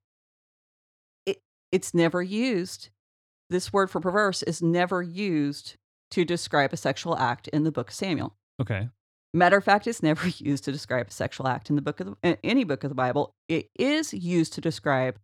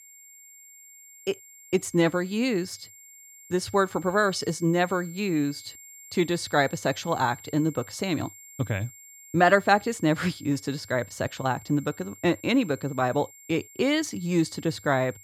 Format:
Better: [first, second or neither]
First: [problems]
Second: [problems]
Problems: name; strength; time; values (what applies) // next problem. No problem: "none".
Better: first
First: none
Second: high-pitched whine; noticeable; throughout; 7.5 kHz, 20 dB below the speech